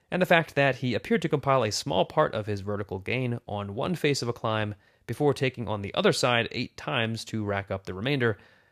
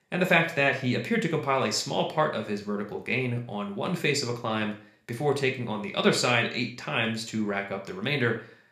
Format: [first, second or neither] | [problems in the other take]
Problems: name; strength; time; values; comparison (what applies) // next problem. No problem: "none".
first | room echo; very slight; dies away in 0.4 s